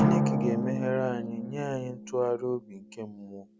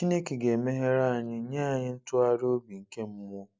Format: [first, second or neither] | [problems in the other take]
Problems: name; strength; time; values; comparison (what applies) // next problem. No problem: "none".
second | background sound (Drum); 1 dB above the speech